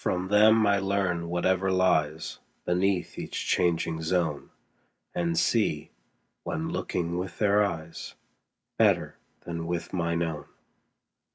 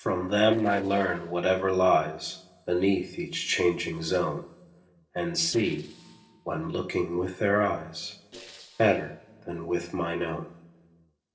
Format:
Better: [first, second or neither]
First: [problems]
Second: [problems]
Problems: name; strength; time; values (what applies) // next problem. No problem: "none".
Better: first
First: none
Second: noise reduction (neural separator model SepFormer DNS4)